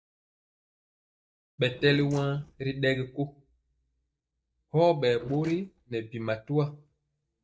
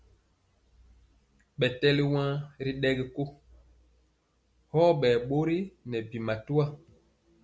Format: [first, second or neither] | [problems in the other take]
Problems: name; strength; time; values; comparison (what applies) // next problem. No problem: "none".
second | noise reduction (neural mask model DeepFilterNet 3)